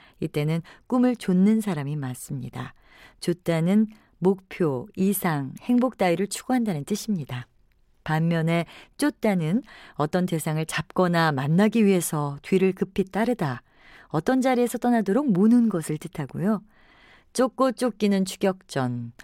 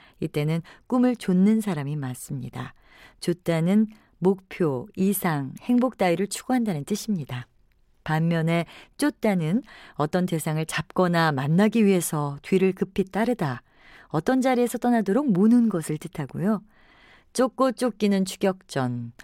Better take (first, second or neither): neither